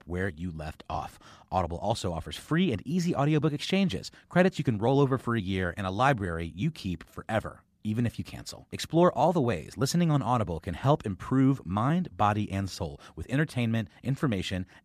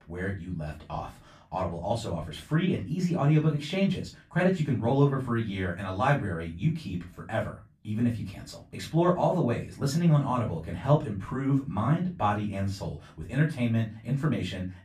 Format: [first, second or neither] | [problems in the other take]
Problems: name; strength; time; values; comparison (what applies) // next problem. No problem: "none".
first | off-mic speech; far // room echo; very slight; dies away in 0.3 s